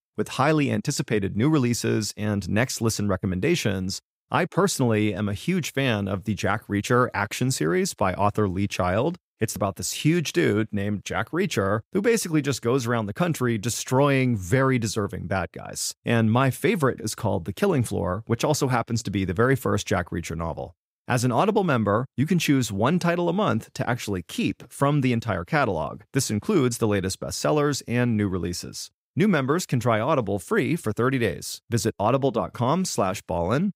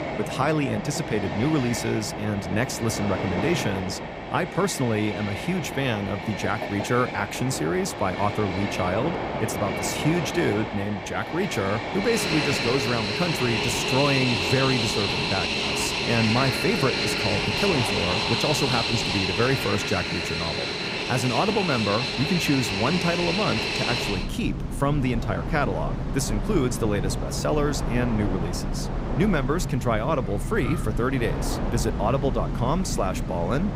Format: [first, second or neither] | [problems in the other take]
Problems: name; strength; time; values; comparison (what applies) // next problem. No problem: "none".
first | train or aircraft noise; loud; throughout; 1 dB below the speech